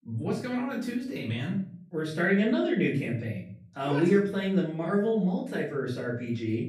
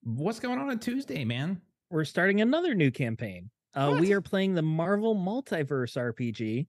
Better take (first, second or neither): second